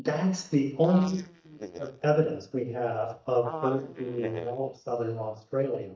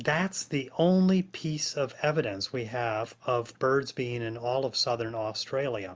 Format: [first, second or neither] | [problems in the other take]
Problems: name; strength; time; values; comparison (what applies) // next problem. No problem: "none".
second | noise reduction (neural mask model DeepFilterNet 3)